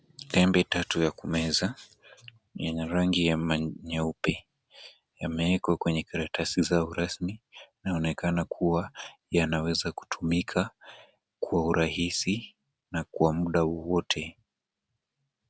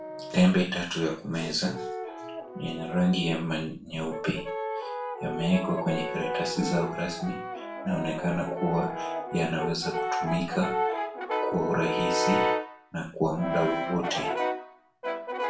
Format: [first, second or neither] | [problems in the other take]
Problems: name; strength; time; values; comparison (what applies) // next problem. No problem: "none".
first | background sound (Brass instrument); 2 dB below the speech // room echo; dies away in 0.3 s